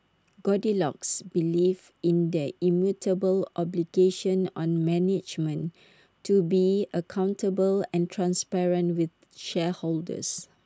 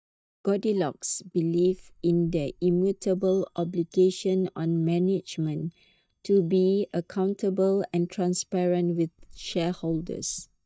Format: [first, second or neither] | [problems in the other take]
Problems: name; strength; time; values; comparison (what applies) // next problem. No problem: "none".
first | noise reduction (neural mask model DeepFilterNet 3)